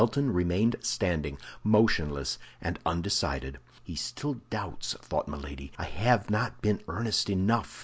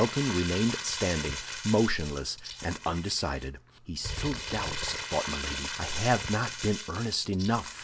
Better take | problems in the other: first | background sound (Crumpling, crinkling); 7 dB below the speech

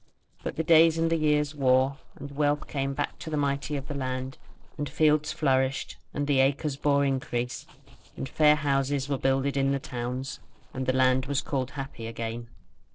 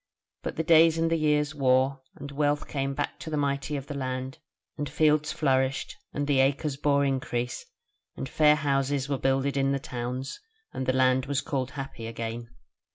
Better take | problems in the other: second | noise reduction (neural separator model SepFormer DNS4)

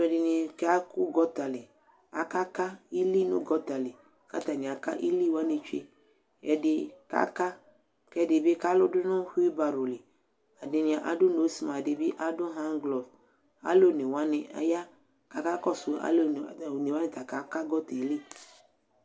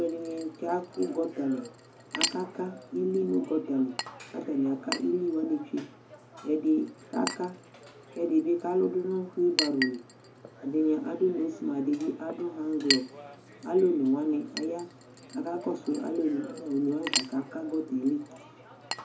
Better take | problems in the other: first | background sound (Chink, clink); 9 dB below the speech // room echo; dies away in 0.3 s

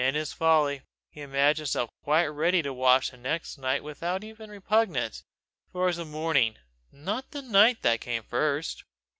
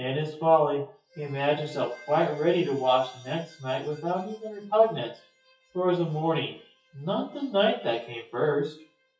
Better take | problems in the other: first | noise reduction (classical method WPE with log-MMSE)

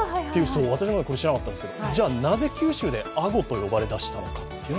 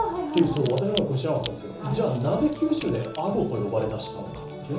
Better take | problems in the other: first | background sound (Crack); 18 dB below the speech // room echo; dies away in 1.2 s

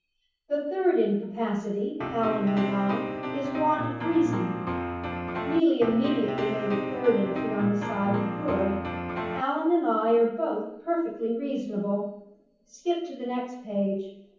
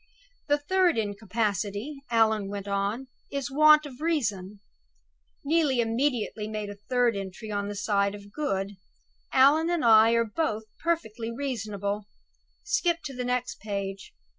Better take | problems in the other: second | background sound (Piano); 4 dB below the speech // room echo; dies away in 0.9 s

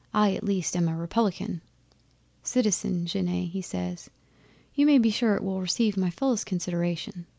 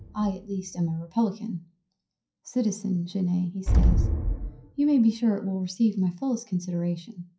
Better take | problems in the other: first | noise reduction (classical method WPE with log-MMSE)

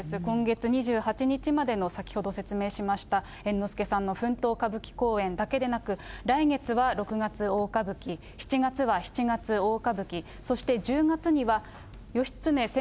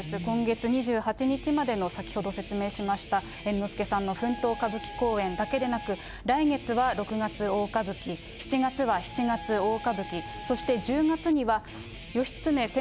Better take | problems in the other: first | background sound (Guitar + Wind instrument, woodwind instrument); 14 dB below the speech

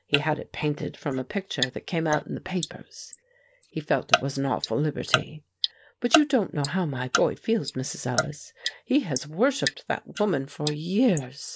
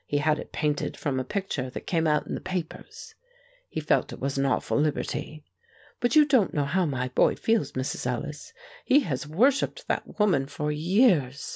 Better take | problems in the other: second | noise reduction (neural mask model Resemble Enhance denoiser)

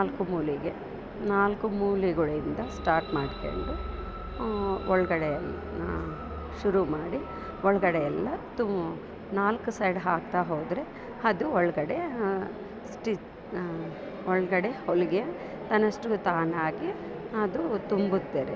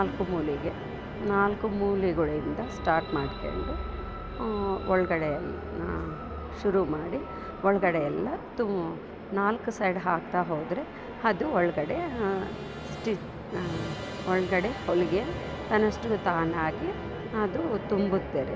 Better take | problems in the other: first | background sound (Musical instrument); 13 dB below the speech

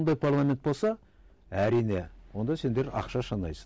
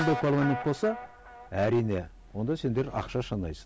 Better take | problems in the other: first | background sound (Guitar); 11 dB below the speech

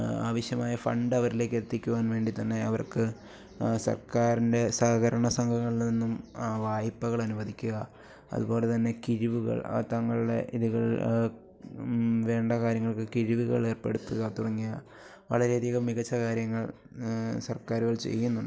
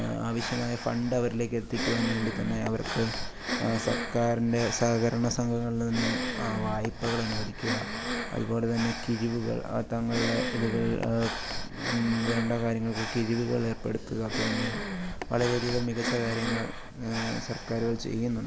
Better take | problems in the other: first | background sound (Breathing); 5 dB below the speech

